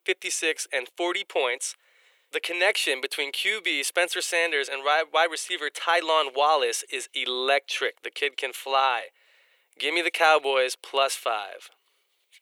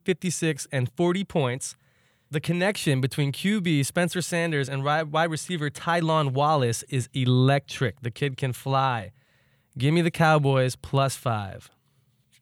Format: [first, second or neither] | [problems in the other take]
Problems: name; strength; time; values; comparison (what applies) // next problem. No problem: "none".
second | thin; very; fading below 400 Hz